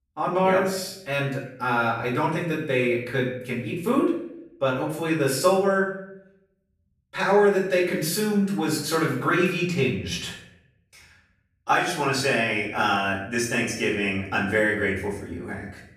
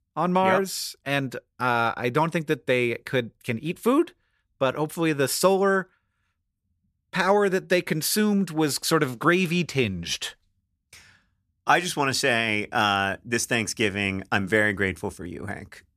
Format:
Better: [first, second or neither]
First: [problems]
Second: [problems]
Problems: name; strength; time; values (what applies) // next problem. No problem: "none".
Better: second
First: room echo; noticeable; dies away in 0.6 s // off-mic speech; far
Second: none